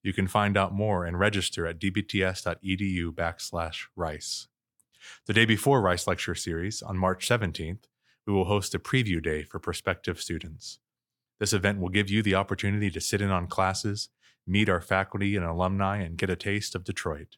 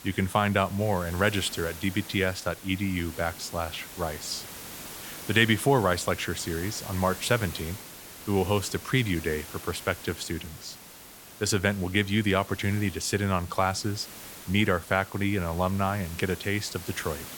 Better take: first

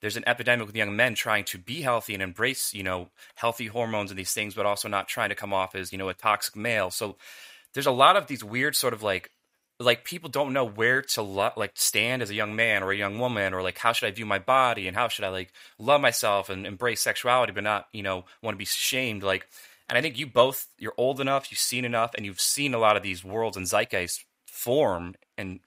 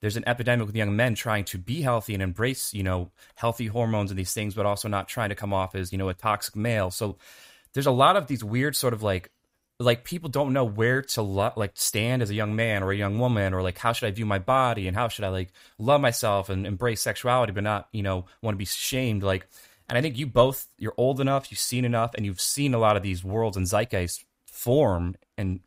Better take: second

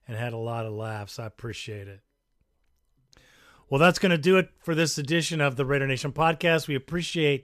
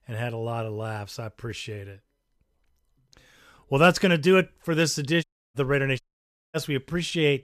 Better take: first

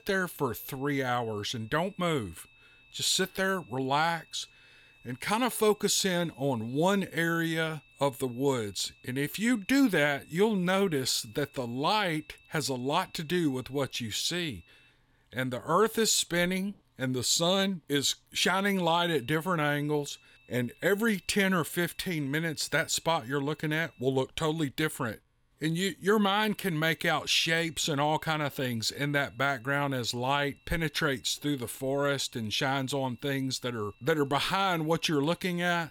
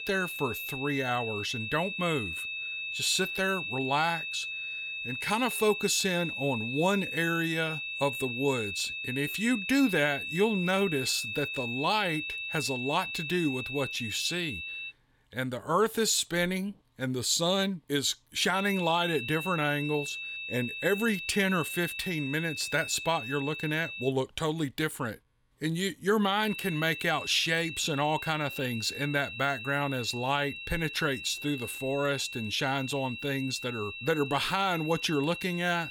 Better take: first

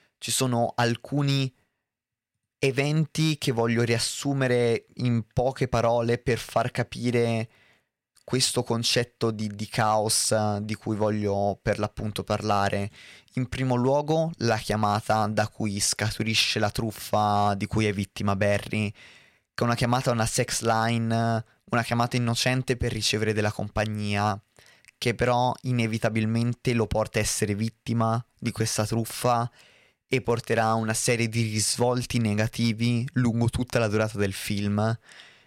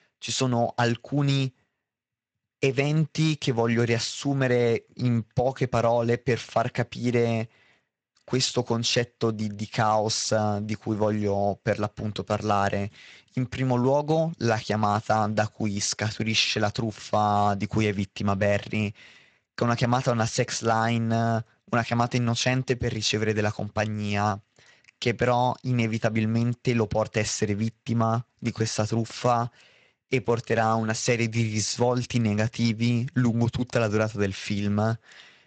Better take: first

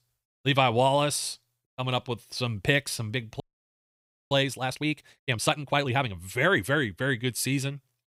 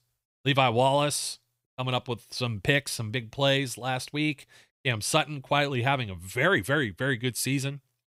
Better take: second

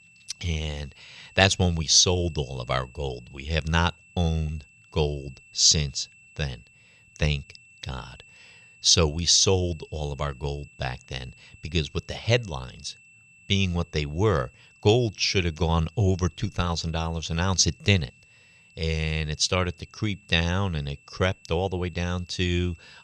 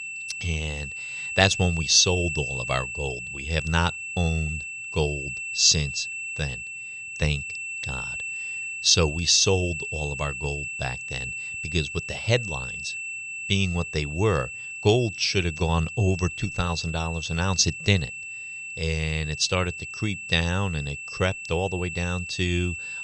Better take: first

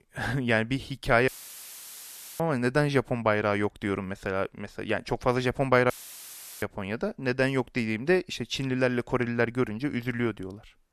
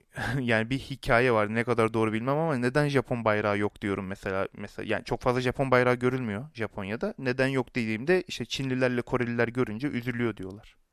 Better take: second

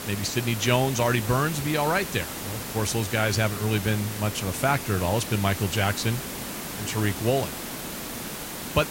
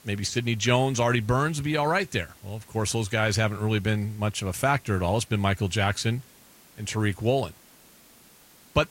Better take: second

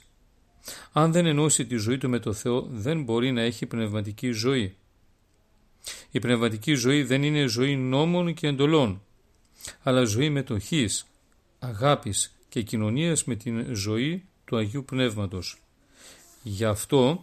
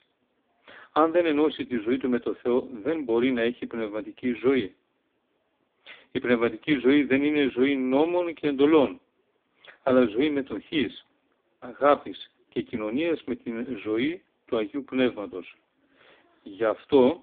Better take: first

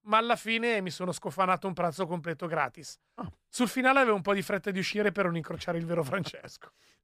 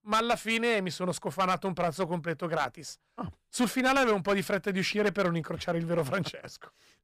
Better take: first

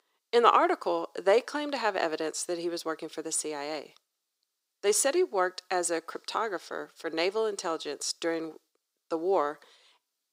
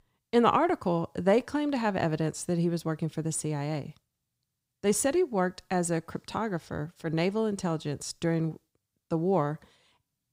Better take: second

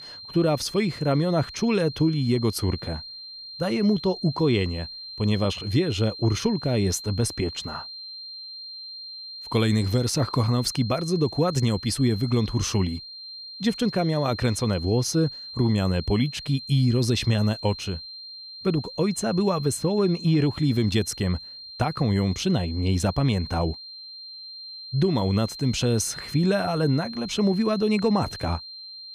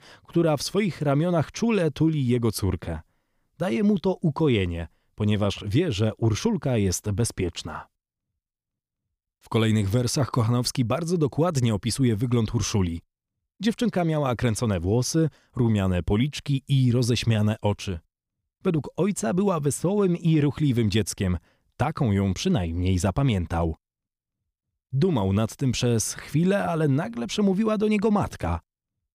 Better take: second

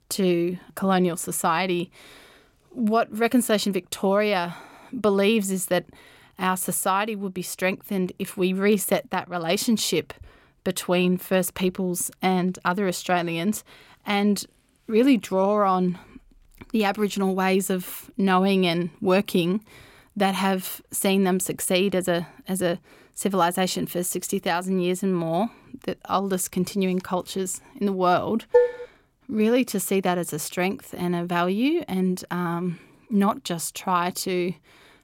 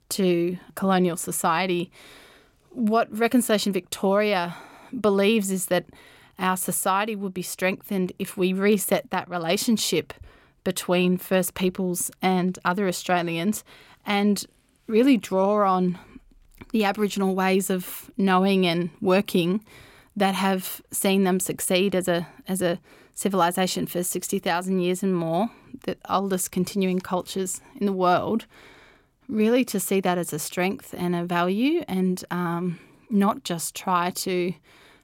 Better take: second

